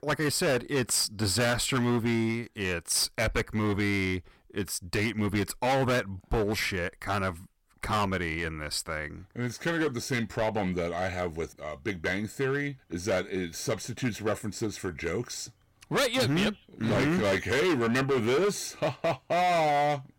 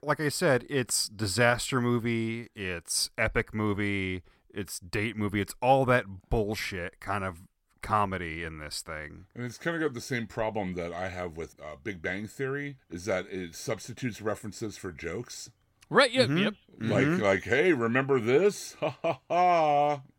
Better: second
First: distortion; heavy; 13% of the sound clipped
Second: none

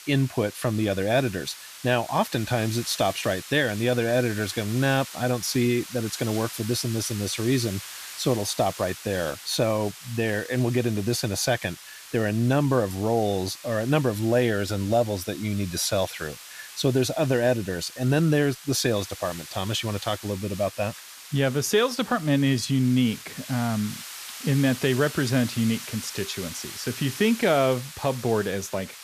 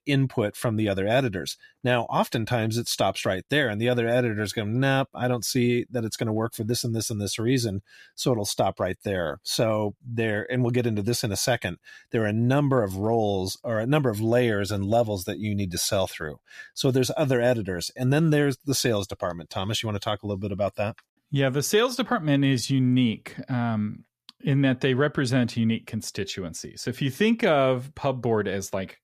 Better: second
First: hiss; noticeable; throughout; 15 dB below the speech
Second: none

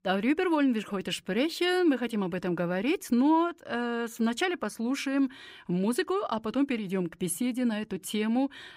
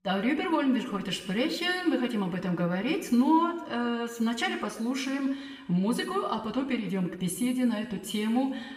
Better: first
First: none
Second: room echo; noticeable; dies away in 1 s // off-mic speech; somewhat distant

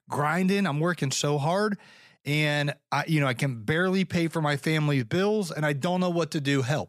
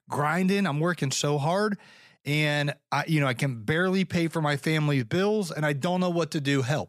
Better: neither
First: none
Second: none

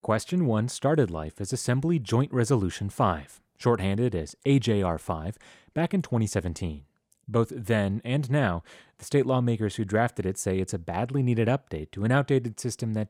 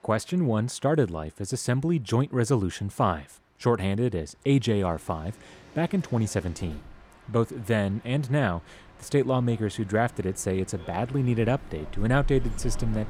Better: first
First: none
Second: train or aircraft noise; noticeable; throughout; 20 dB below the speech

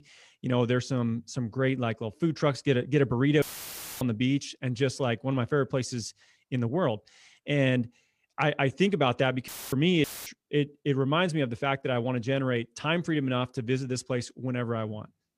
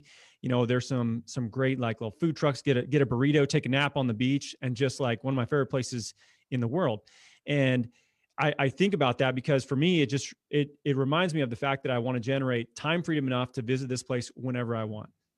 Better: second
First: audio cutting out; filled with static; at 3.5 s for 0.5 s, at 9.5 s and at 10 s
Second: none

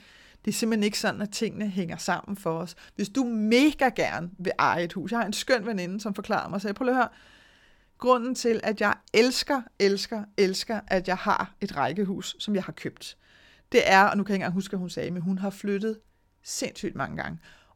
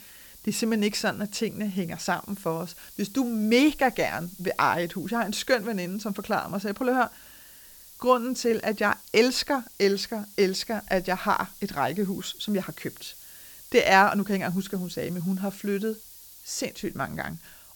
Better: first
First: none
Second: hiss; noticeable; throughout; 20 dB below the speech

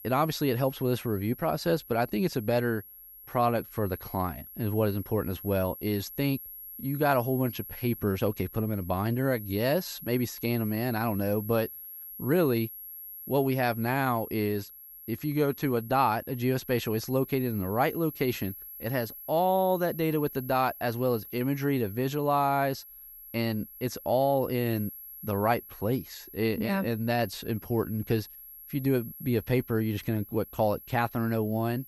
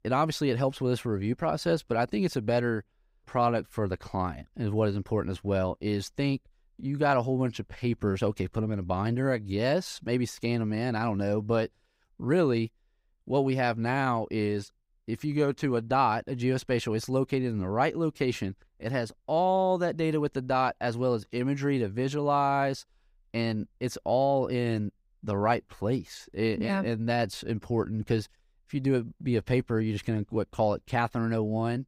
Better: second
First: high-pitched whine; noticeable; throughout; 11.5 kHz, 15 dB below the speech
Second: none

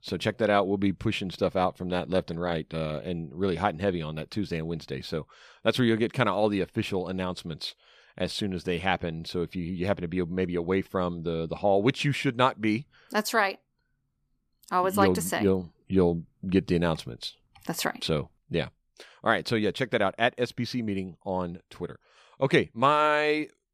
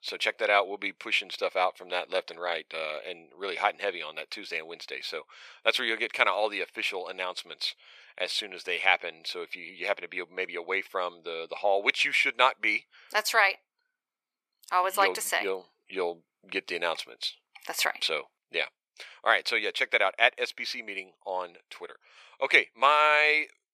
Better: first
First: none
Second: thin; very; fading below 550 Hz

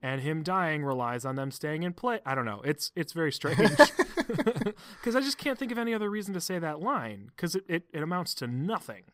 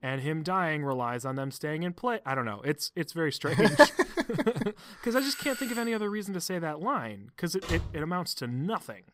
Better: first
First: none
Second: doorbell; noticeable; at 5 s; peak 8 dB below the speech // door banging; noticeable; at 7.5 s; peak 6 dB below the speech

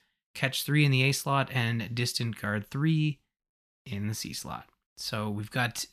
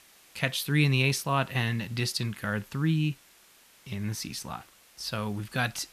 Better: first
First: none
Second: hiss; faint; throughout; 25 dB below the speech

